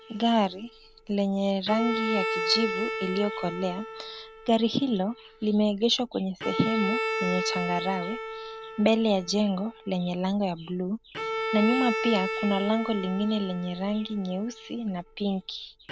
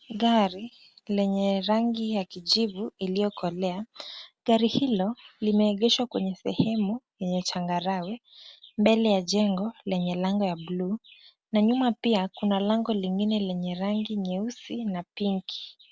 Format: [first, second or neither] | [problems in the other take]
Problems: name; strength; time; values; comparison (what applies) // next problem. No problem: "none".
second | background sound (Bowed string instrument); 6 dB below the speech